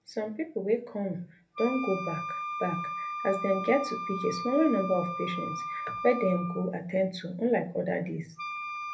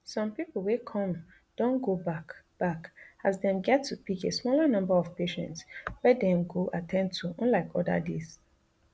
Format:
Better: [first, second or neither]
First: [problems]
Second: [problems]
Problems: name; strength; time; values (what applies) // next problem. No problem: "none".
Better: second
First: background sound (Wind instrument, woodwind instrument); 7 dB below the speech // room echo; dies away in 0.3 s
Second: none